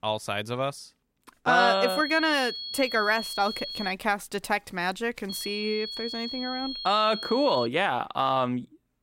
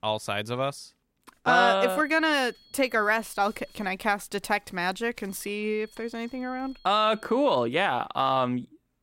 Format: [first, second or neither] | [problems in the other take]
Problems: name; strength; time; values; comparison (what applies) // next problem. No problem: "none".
second | high-pitched whine; loud; from 1.5 to 4 s and from 5.5 to 7.5 s; 4.5 kHz, 7 dB below the speech; faint in the second